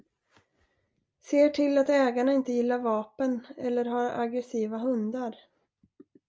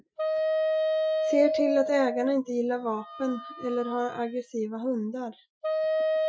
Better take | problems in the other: first | noise reduction (classical method Wiener filter)

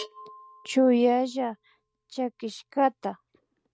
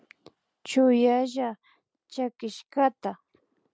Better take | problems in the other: second | noise reduction (neural mask model RNNoise)

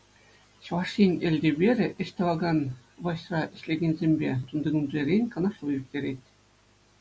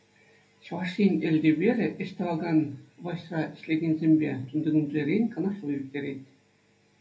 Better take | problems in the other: first | room echo; dies away in 0.3 s

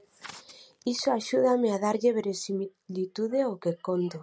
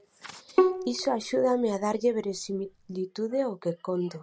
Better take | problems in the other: first | background sound (Bowed string instrument); 2 dB below the speech

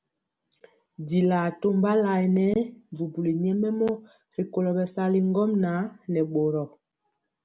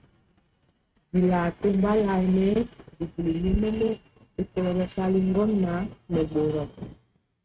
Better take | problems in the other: first | noise reduction (neural mask model RNNoise)

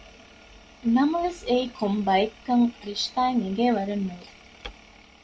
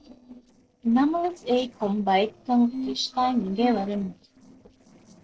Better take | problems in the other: first | noise reduction (neural separator model SepFormer DNS4)

